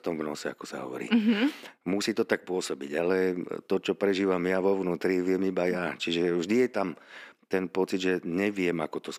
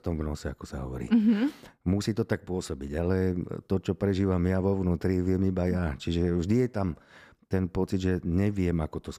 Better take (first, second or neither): second